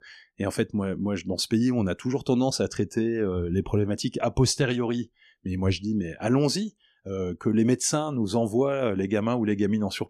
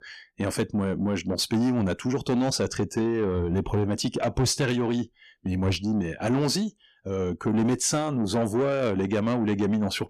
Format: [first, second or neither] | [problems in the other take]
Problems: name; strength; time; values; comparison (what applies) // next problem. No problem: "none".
first | distortion; slight; 10 dB below the speech